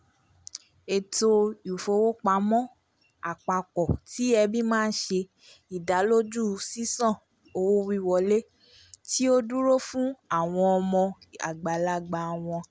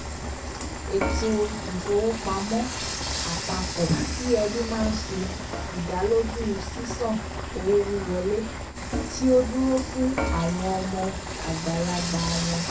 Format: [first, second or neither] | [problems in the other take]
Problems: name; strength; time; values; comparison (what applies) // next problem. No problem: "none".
first | background sound (Frying (food) / Dishes, pots, and pans); 4 dB below the speech // room echo; dies away in 0.3 s